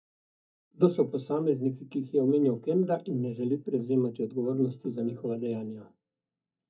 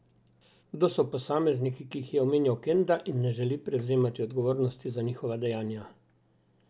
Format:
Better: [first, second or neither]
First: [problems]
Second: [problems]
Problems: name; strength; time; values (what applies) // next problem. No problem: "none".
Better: second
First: noise reduction (neural mask model DeepFilterNet 3)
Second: none